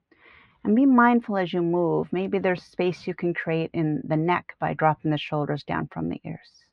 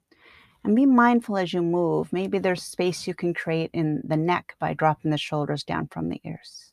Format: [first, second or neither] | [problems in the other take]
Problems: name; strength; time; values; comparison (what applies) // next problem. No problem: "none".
second | muffled; slightly; fading above 2.5 kHz